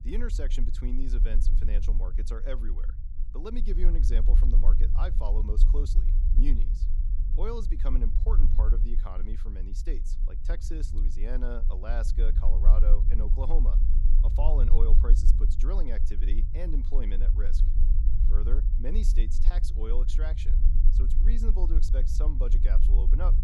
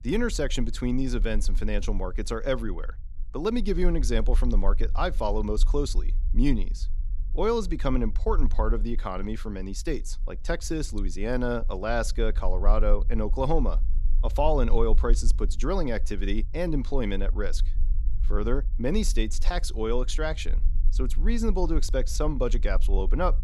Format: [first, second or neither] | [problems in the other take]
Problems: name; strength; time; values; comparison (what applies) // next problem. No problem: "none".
second | low rumble; loud; throughout; 7 dB below the speech; faint in the second